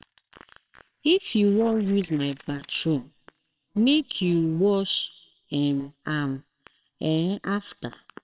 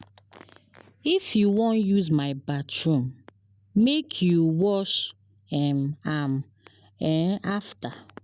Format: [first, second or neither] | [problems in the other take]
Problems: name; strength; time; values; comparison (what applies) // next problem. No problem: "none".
second | noise reduction (neural separator model SepFormer WHAMR!)